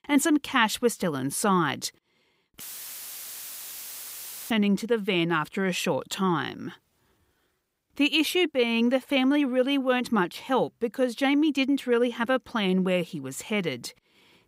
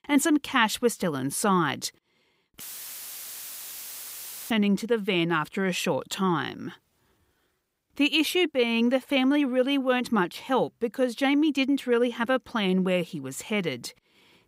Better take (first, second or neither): neither